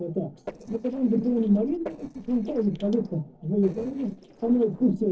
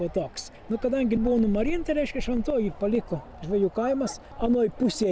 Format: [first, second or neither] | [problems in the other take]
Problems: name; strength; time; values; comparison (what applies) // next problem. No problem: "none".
second | noise reduction (neural separator model SepFormer DNS4)